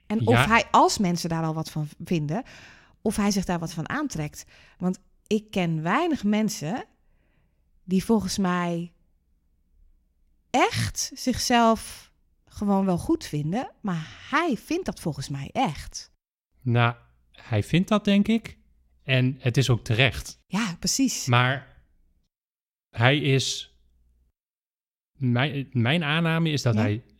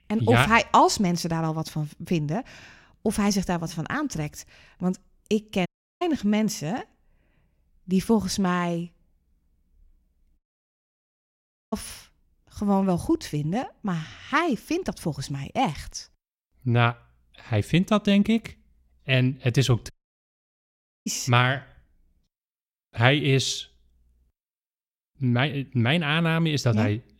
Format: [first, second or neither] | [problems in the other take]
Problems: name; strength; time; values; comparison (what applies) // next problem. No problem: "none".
first | audio cutting out; at 5.5 s, at 10 s for 1.5 s and at 20 s for 1 s